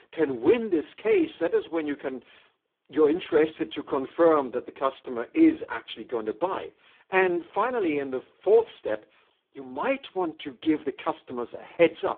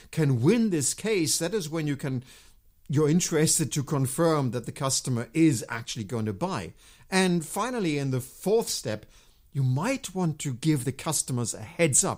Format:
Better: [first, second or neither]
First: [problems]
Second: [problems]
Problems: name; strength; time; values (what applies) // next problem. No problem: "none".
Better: second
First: phone-call audio; poor line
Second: none